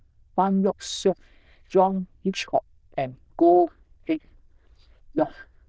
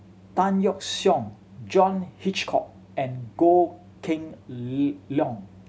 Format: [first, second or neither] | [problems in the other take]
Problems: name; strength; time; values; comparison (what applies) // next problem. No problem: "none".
second | noise reduction (neural diffusion model UNIVERSE++)